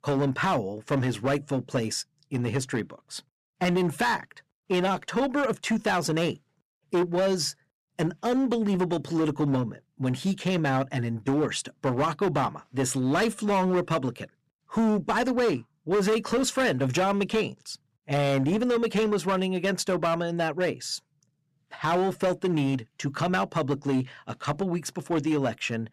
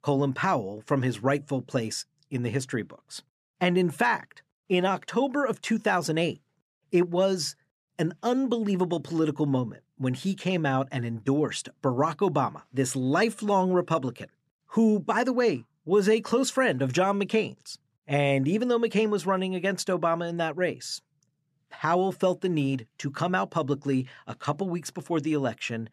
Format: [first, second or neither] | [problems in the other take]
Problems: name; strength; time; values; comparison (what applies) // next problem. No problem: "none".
second | distortion; slight; 11% of the sound clipped